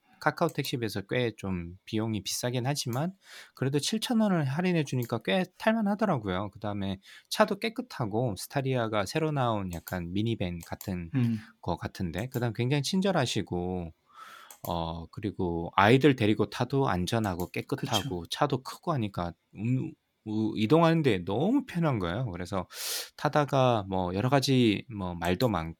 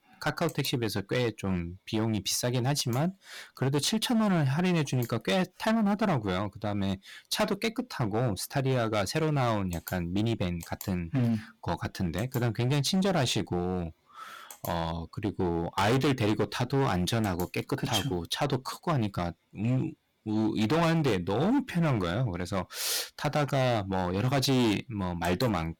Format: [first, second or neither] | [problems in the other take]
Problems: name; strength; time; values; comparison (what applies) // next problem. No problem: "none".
first | distortion; heavy; 12% of the sound clipped